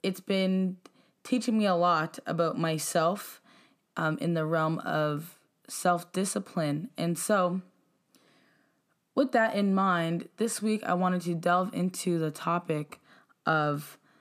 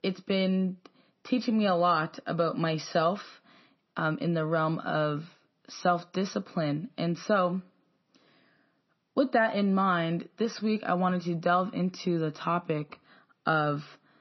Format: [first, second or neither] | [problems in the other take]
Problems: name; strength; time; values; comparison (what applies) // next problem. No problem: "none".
first | garbled, watery; slightly; nothing above 6 kHz